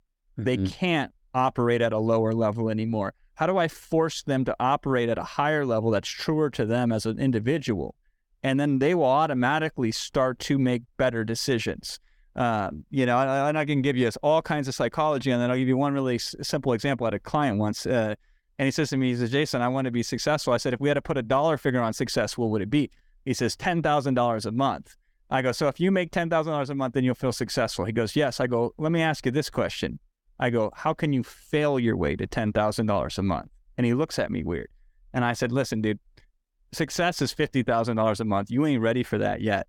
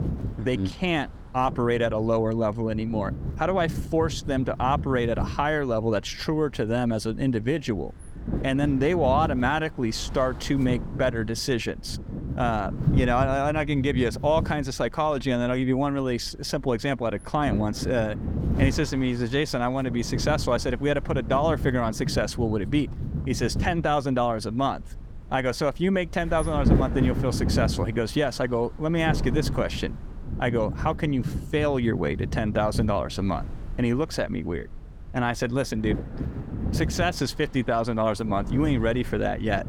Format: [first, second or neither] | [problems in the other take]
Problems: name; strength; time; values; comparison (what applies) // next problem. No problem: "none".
first | wind noise on the microphone; occasional gusts; 15 dB below the speech